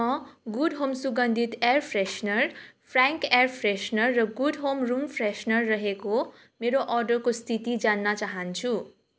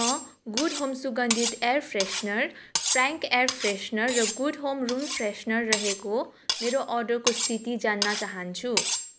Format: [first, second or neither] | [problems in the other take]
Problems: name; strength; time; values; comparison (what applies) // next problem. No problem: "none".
first | background sound (Cutlery, silverware); 4 dB below the speech